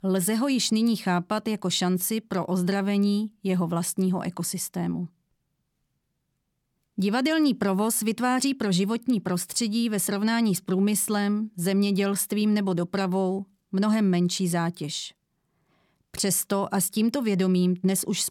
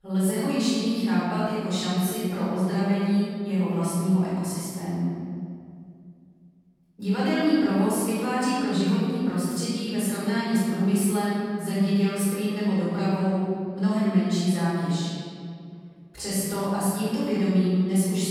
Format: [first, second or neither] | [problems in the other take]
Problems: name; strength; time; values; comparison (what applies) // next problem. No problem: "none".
first | off-mic speech; far // room echo; strong; dies away in 2.1 s